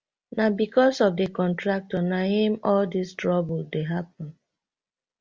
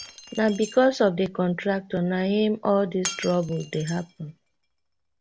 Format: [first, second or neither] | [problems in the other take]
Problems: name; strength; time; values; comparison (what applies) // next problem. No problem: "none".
first | background sound (Shatter); 17 dB below the speech